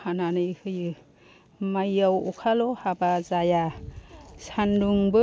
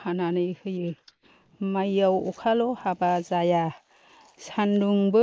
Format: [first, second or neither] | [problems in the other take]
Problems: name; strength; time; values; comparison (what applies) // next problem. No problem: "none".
first | noise reduction (neural mask model Resemble Enhance denoiser)